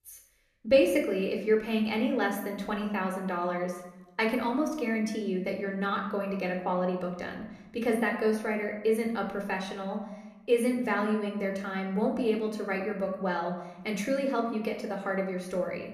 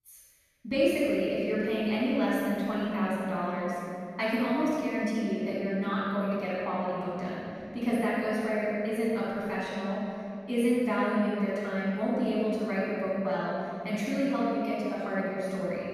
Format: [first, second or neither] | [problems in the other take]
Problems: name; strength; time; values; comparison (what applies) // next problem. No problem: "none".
first | room echo; strong; dies away in 3 s; slight in the first // off-mic speech; far